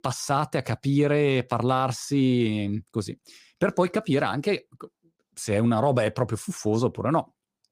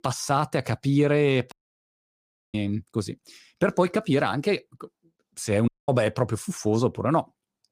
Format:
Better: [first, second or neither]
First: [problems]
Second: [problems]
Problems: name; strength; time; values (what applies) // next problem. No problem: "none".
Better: first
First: none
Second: audio cutting out; at 1.5 s for 1 s and at 5.5 s